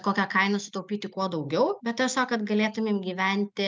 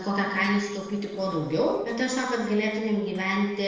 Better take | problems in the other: first | noise reduction (neural separator model SepFormer DNS4)

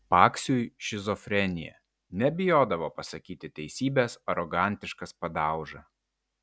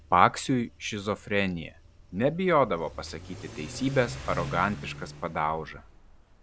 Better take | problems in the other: first | background sound (Accelerating, revving, vroom / Car); 15 dB below the speech

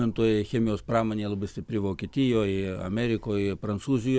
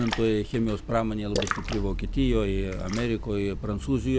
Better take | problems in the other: first | background sound (Splash, splatter); 5 dB below the speech

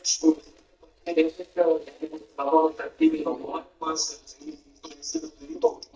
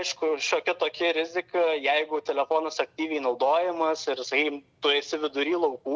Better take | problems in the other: second | noise reduction (neural mask model DeepFilterNet 3)

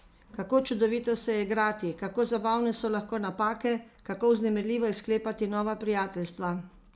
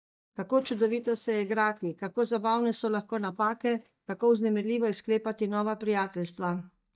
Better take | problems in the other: first | noise reduction (neural mask model DeepFilterNet 3)

